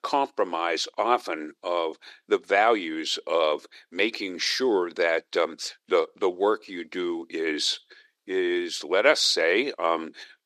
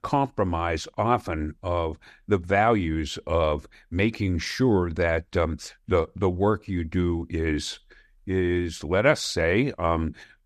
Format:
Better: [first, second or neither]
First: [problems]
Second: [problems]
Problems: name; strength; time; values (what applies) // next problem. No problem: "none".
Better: second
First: thin; somewhat; fading below 350 Hz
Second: none